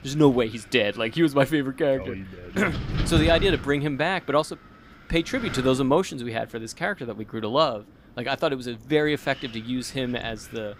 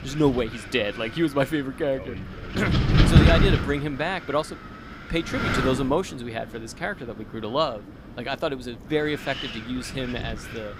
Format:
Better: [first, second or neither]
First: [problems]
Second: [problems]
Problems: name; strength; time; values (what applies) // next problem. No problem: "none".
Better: first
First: wind noise on the microphone; occasional gusts; 15 dB below the speech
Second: wind noise on the microphone; heavy; 3 dB below the speech